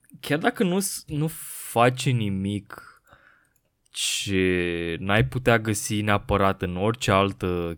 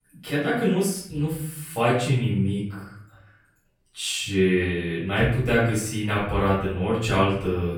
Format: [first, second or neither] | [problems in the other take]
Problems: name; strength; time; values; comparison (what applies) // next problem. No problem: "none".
first | off-mic speech; far // room echo; noticeable; dies away in 0.6 s